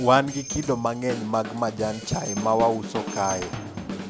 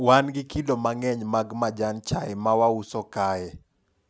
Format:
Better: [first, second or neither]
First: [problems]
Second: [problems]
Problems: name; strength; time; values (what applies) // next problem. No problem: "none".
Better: second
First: background sound (Drum / Drum kit + Bell); 9 dB below the speech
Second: none